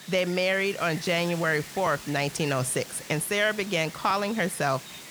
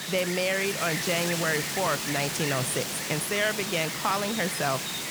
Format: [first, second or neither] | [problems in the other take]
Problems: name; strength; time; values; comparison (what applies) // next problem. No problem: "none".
first | wind noise on the microphone; heavy; 3 dB below the speech; occasional gusts in the first